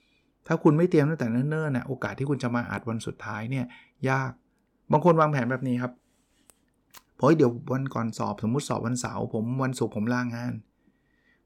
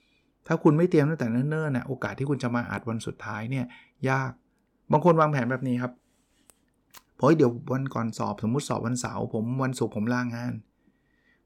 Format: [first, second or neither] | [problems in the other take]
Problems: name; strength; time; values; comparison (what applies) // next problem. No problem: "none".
neither | none